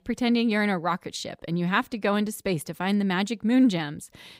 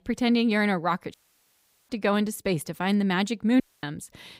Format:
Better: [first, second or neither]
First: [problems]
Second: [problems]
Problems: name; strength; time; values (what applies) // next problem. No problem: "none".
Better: first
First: none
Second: audio cutting out; at 1 s for 1 s and at 3.5 s